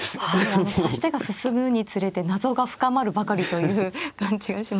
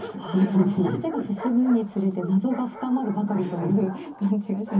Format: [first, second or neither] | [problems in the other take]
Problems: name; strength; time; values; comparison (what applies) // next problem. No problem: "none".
first | background sound (Bark); 16 dB below the speech // room echo; dies away in 0.3 s